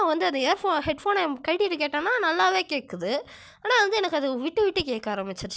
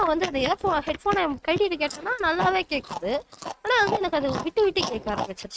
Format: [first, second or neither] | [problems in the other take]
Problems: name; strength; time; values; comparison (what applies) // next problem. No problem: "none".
first | noise reduction (neural mask model RNNoise)